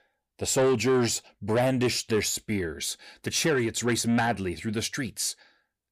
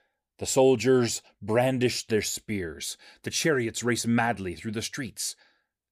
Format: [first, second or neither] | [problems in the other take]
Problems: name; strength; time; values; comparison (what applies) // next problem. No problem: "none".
second | distortion; slight; 10 dB below the speech